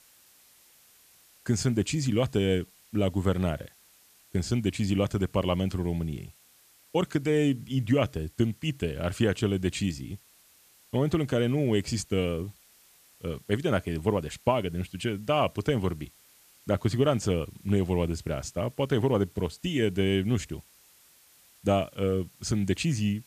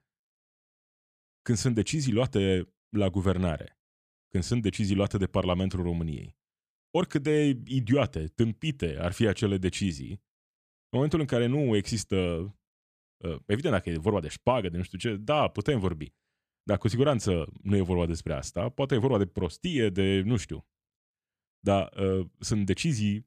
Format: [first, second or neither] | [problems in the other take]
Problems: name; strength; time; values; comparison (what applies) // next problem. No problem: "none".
second | hiss; faint; throughout; 30 dB below the speech